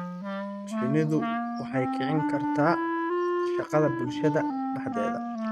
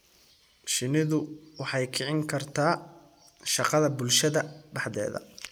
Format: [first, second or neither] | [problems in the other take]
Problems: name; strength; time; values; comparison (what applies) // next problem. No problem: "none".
second | noise reduction (neural mask model RNNoise)